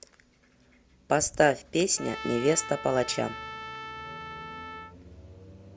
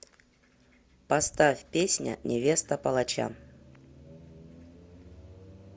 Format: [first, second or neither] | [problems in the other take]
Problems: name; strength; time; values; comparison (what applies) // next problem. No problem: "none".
second | background sound (Trumpet); 11 dB below the speech